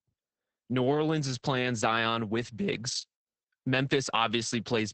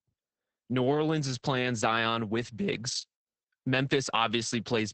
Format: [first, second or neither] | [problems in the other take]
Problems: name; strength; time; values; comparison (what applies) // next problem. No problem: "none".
neither | garbled, watery; badly; nothing above 8 kHz; the same in both